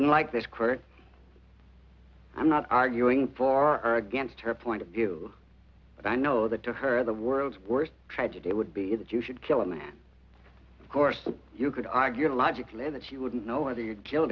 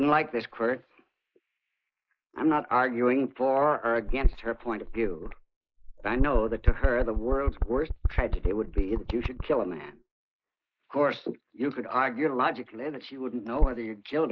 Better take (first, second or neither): first